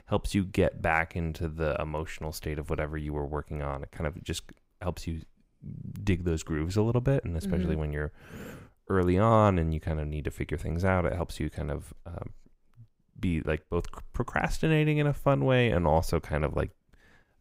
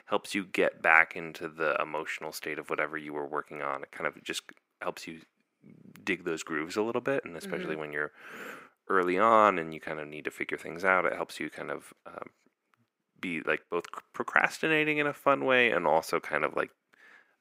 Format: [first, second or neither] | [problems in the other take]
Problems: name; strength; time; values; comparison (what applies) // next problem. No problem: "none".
first | thin; somewhat; fading below 300 Hz